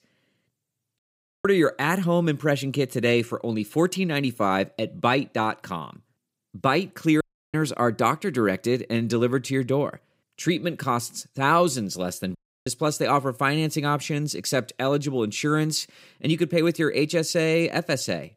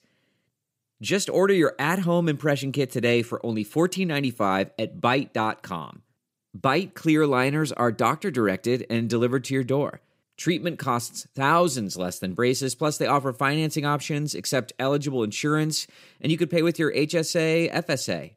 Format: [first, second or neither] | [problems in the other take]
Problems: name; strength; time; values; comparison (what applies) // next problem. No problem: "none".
second | audio cutting out; at 1 s, at 7 s and at 12 s